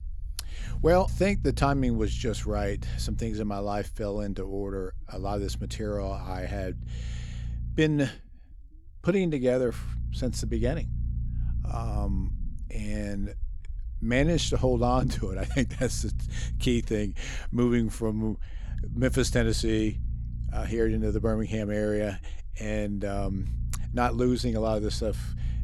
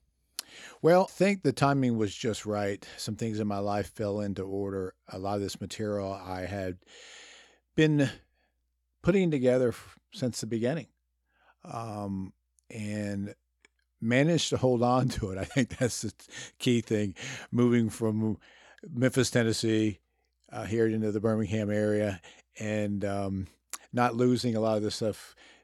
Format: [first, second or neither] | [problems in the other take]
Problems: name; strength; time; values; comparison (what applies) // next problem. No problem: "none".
second | low rumble; faint; throughout; 20 dB below the speech